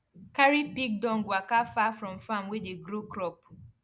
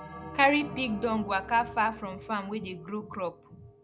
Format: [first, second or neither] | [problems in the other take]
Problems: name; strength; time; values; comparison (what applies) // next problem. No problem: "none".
first | background sound (Bell); 15 dB below the speech